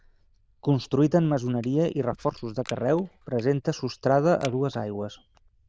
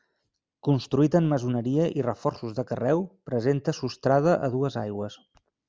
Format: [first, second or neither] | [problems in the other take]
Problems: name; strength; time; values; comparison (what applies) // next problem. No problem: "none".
second | noise reduction (neural diffusion model UNIVERSE++)